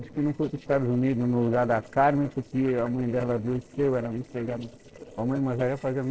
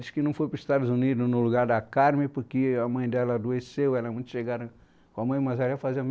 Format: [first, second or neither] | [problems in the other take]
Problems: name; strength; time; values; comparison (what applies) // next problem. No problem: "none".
second | noise reduction (neural separator model SepFormer DNS4)